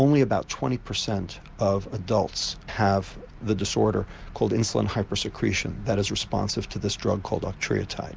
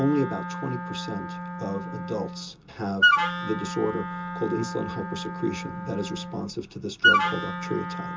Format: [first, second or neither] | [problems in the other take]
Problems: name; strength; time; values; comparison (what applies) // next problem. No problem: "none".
first | background sound (Wind instrument, woodwind instrument); 3 dB above the speech // room echo; dies away in 0.2 s